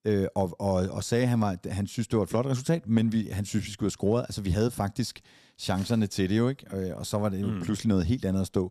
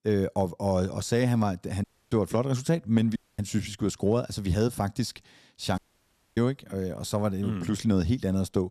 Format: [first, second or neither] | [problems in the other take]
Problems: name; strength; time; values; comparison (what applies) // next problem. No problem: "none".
first | audio cutting out; at 2 s, at 3 s and at 6 s for 0.5 s